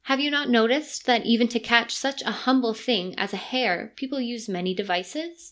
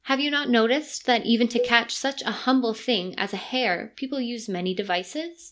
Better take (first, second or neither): first